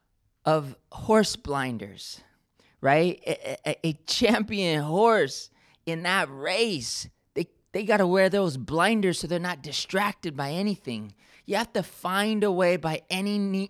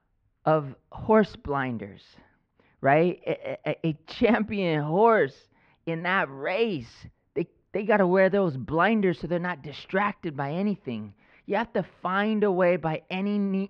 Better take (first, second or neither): first